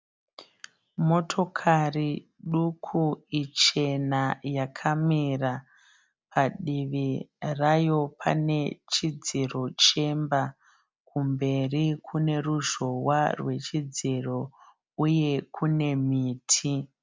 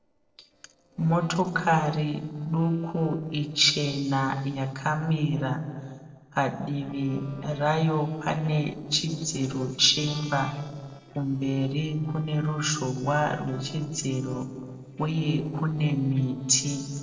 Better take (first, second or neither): first